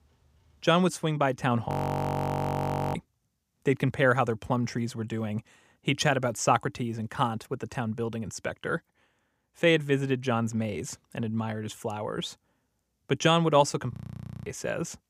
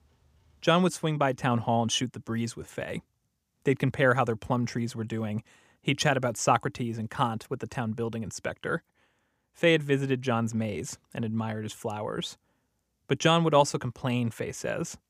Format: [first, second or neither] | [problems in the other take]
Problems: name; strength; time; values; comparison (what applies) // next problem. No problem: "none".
second | audio freezing; at 1.5 s for 1.5 s and at 14 s for 0.5 s